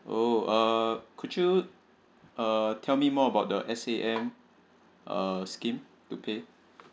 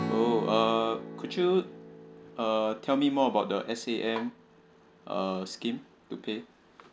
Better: first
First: none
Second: background sound (Strum); 11 dB below the speech

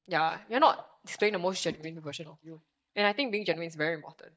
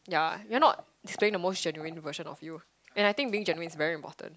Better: second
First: noise reduction (neural mask model DeepFilterNet 3)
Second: none

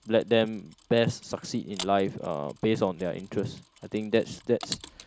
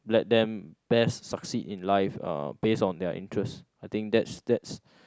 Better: second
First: background sound (Mechanisms); 18 dB below the speech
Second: none

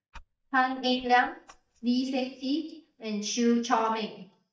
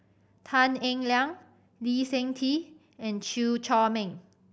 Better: second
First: noise reduction (neural mask model DeepFilterNet 3)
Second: none

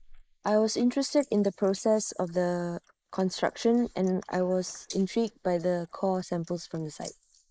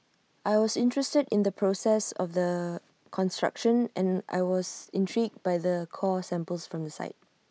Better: second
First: noise reduction (neural mask model Resemble Enhance denoiser)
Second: none

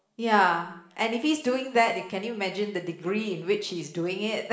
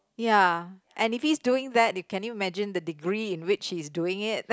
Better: second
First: room echo; dies away in 0.7 s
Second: none

